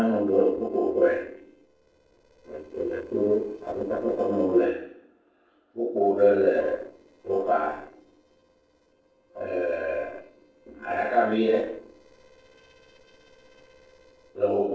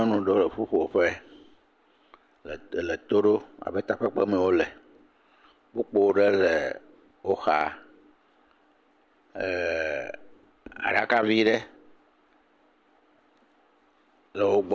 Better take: second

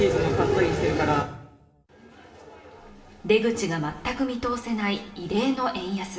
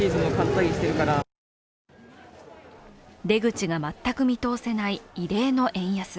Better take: second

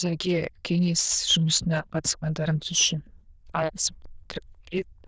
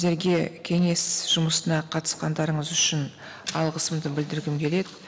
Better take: second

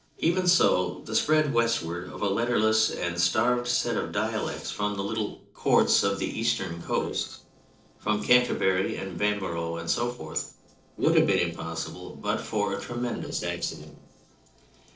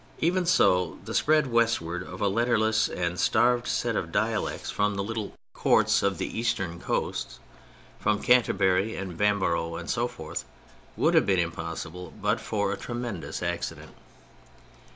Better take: second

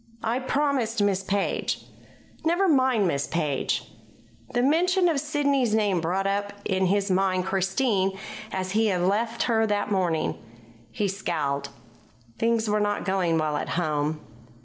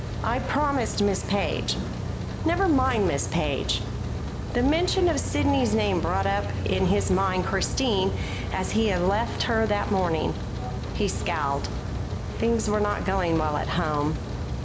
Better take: first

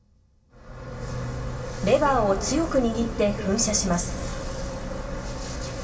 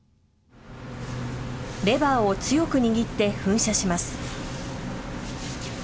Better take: second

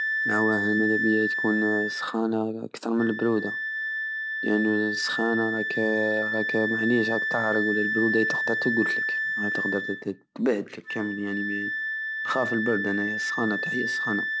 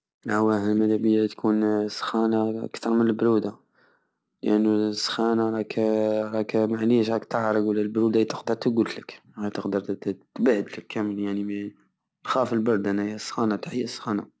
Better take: second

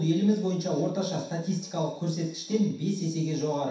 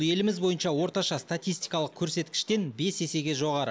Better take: second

